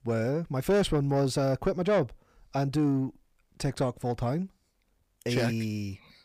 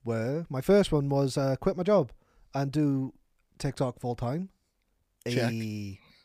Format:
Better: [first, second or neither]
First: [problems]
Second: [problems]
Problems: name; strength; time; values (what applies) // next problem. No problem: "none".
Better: second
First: distortion; slight; 10 dB below the speech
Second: none